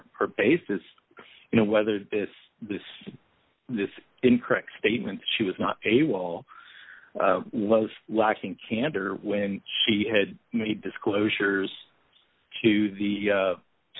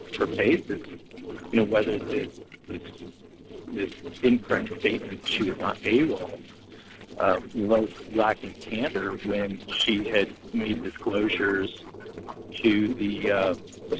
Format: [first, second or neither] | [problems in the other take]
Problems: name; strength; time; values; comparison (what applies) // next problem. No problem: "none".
first | noise reduction (neural separator model SepFormer DNS4)